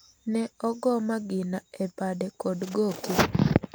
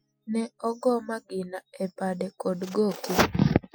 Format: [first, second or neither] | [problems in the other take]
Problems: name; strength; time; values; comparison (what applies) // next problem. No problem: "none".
first | noise reduction (classical method Wiener filter)